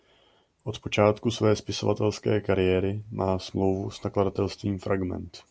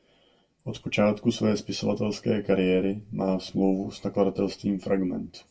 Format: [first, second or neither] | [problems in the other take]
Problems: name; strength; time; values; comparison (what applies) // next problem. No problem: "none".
first | room echo; dies away in 0.2 s